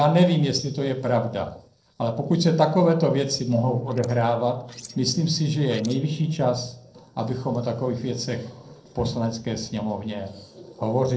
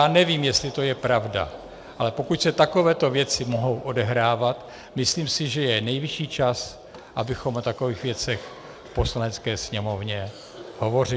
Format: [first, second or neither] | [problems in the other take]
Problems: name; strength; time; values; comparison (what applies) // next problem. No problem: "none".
second | noise reduction (neural separator model SepFormer DNS4)